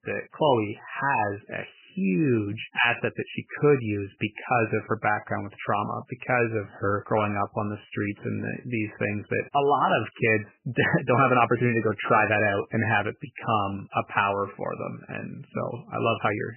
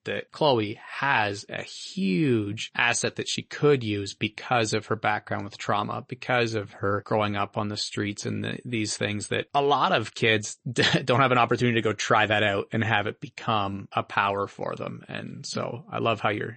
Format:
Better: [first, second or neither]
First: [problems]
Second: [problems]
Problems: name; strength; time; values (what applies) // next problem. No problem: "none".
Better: second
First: garbled, watery; badly; nothing above 3 kHz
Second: garbled, watery; slightly; nothing above 8 kHz